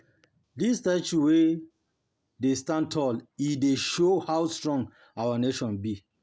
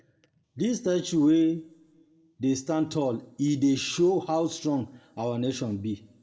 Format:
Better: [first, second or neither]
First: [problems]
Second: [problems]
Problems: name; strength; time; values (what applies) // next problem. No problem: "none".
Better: first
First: none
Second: room echo; dies away in 0.6 s